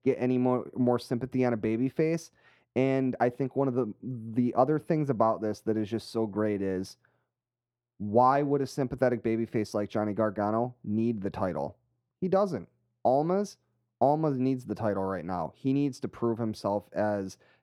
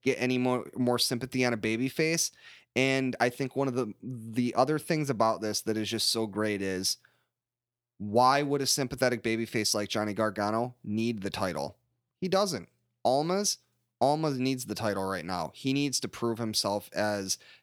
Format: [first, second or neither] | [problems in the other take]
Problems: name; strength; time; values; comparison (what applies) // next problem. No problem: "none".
second | muffled; very; fading above 2 kHz